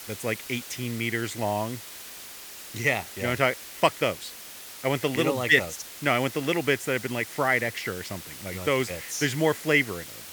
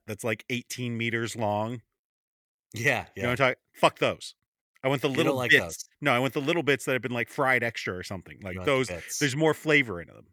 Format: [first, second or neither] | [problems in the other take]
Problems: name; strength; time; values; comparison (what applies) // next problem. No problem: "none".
second | hiss; noticeable; throughout; 15 dB below the speech